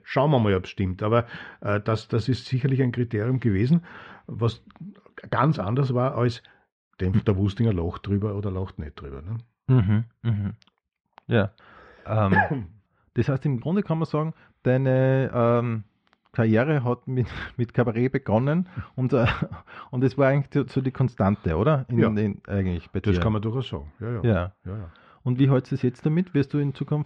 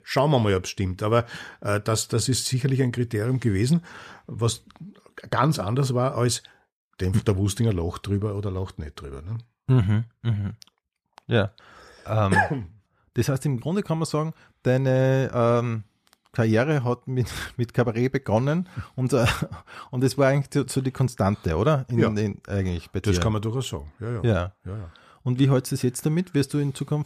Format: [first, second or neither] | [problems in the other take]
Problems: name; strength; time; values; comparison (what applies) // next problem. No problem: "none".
second | muffled; slightly; fading above 3 kHz